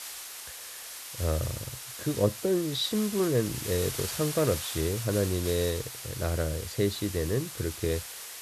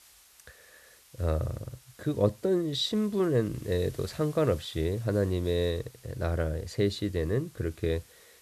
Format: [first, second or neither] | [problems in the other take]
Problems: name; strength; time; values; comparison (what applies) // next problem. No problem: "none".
second | hiss; loud; throughout; 7 dB below the speech; faint in the second